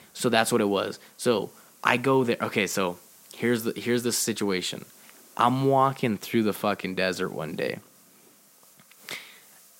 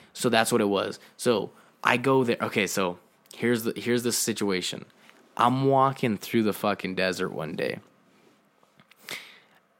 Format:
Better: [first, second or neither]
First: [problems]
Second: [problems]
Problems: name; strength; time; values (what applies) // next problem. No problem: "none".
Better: second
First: hiss; faint; throughout; 25 dB below the speech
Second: none